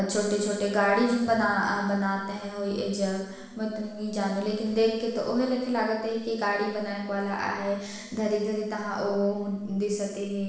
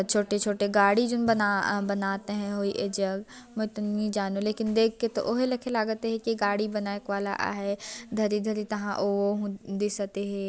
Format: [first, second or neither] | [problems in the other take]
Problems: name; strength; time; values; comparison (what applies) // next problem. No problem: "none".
second | room echo; dies away in 0.9 s